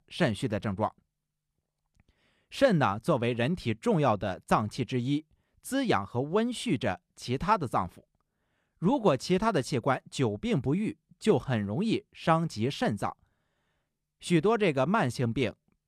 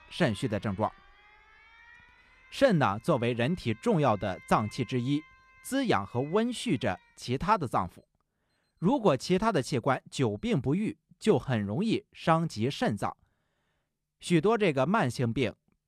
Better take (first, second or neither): first